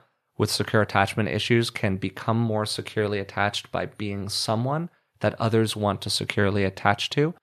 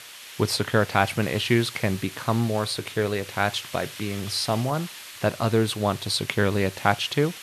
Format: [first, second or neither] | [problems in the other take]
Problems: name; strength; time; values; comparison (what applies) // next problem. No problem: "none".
first | hiss; noticeable; throughout; 15 dB below the speech